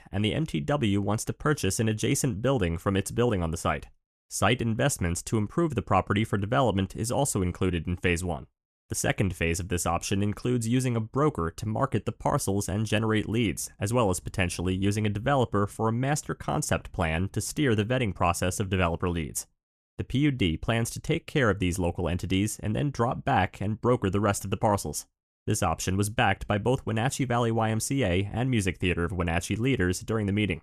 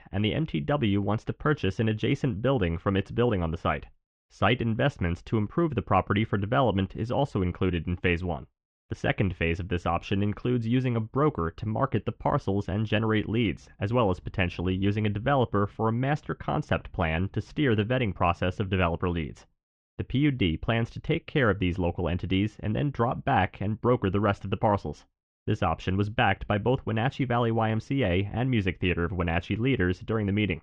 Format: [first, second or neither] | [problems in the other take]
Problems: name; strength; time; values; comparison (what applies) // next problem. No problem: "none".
first | muffled; very; fading above 3.5 kHz